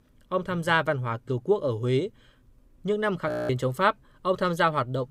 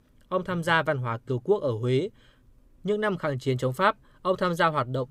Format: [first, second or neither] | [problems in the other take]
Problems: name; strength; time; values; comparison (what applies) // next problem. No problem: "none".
second | audio freezing; at 3.5 s